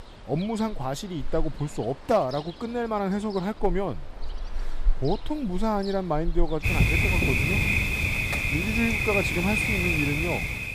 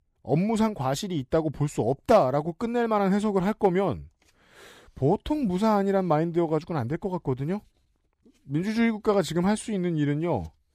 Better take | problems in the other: second | rain or running water; very loud; throughout; 4 dB above the speech

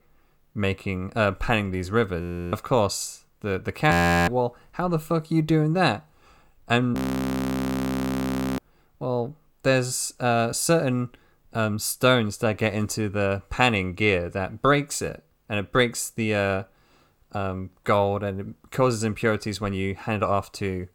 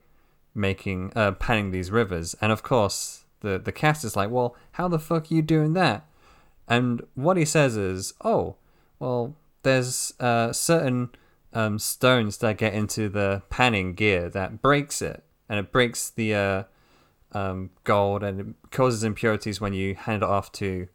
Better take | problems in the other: second | audio freezing; at 2 s, at 4 s and at 7 s for 1.5 s

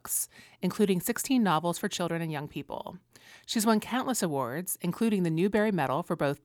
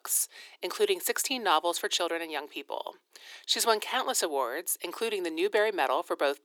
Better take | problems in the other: first | thin; very; fading below 350 Hz

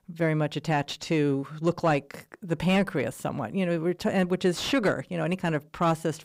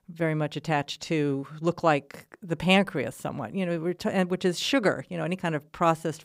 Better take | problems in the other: second | distortion; slight; 10 dB below the speech

